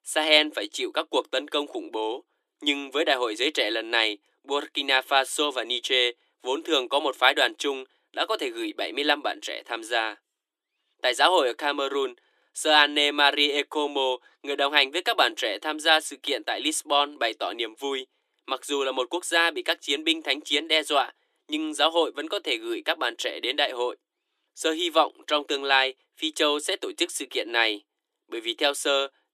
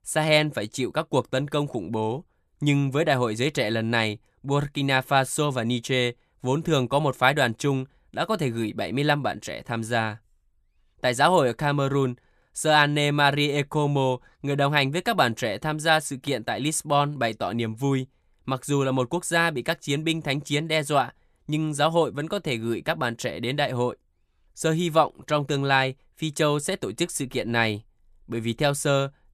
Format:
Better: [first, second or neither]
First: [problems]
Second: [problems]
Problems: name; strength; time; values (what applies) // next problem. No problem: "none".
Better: second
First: thin; somewhat; fading below 300 Hz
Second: none